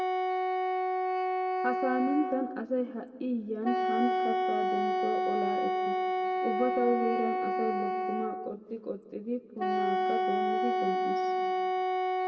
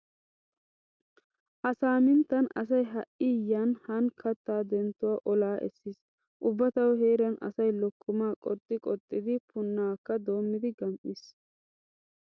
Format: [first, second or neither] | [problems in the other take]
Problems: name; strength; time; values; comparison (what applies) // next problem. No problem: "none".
second | background sound (Wind instrument, woodwind instrument); 4 dB above the speech // room echo; dies away in 1.5 s